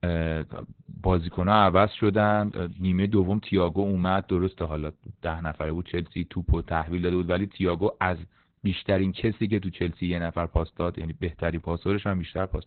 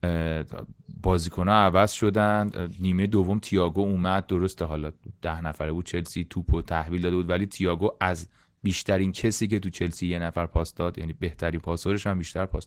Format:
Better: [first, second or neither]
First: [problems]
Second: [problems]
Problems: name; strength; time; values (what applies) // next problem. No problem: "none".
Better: second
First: garbled, watery; badly; nothing above 4 kHz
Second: garbled, watery; slightly; nothing above 16.5 kHz